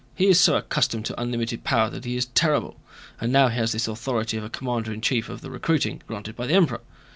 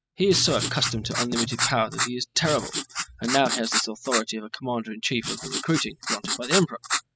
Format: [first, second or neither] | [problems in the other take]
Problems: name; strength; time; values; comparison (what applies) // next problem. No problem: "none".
first | noise reduction (classical method spectral subtraction)